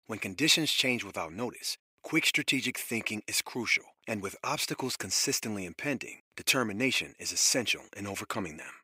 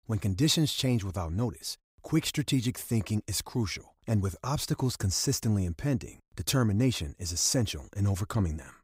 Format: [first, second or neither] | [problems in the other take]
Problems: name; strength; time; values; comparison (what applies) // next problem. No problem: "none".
second | thin; somewhat; fading below 300 Hz